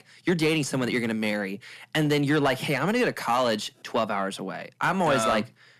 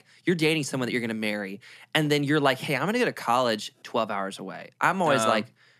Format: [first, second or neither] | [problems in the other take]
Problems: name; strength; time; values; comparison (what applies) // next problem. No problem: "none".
second | distortion; slight; 10 dB below the speech